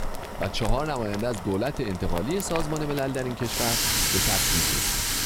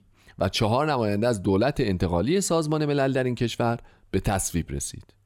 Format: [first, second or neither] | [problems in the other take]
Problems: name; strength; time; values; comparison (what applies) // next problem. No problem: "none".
second | household noises; very loud; throughout; 4 dB above the speech